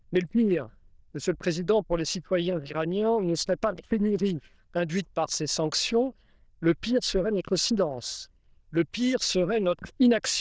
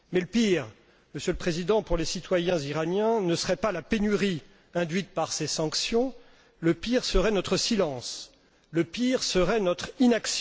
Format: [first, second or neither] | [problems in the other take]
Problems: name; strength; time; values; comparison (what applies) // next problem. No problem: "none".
second | noise reduction (neural diffusion model UNIVERSE++)